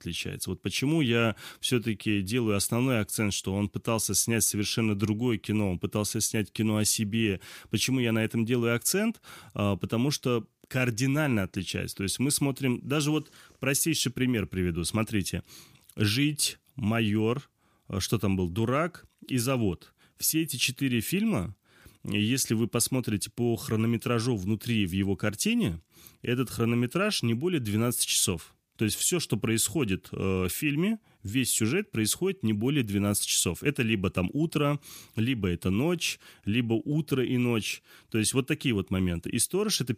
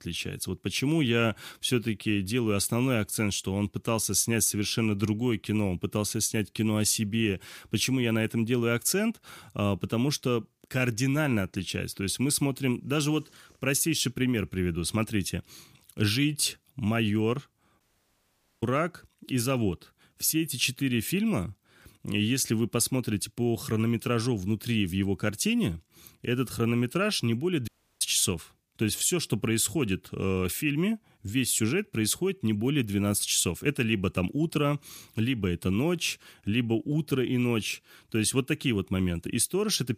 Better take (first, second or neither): first